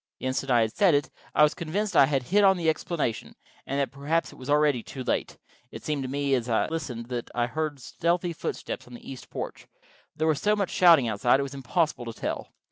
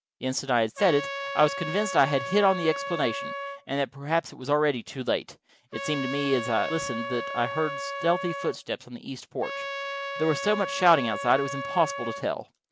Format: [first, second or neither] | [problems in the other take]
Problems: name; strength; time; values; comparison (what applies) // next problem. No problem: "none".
first | background sound (Trumpet); 7 dB below the speech